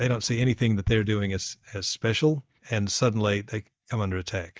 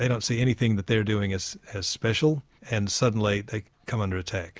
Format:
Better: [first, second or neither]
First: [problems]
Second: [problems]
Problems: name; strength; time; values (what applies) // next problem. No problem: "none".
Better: second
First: noise reduction (neural mask model DeepFilterNet 3)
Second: none